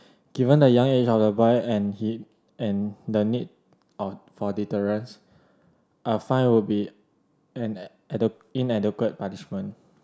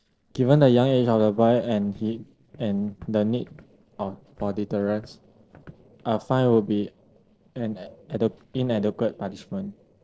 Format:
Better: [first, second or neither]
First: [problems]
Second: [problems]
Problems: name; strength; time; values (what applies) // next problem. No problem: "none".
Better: first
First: none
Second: noise reduction (neural separator model SepFormer DNS4)